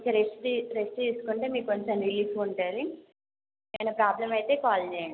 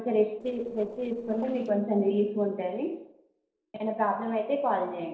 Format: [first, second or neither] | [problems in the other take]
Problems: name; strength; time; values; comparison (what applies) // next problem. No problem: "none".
first | noise reduction (neural separator model SepFormer DNS4)